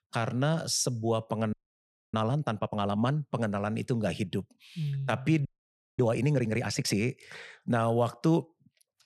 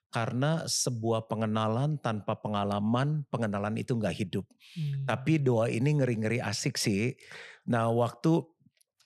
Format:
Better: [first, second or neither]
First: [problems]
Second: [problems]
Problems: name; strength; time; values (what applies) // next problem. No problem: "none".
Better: second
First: audio freezing; at 1.5 s for 0.5 s and at 5.5 s for 0.5 s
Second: none